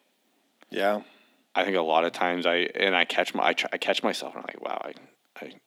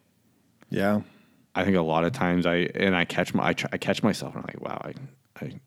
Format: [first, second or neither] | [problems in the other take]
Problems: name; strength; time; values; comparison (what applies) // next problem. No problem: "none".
second | thin; somewhat; fading below 250 Hz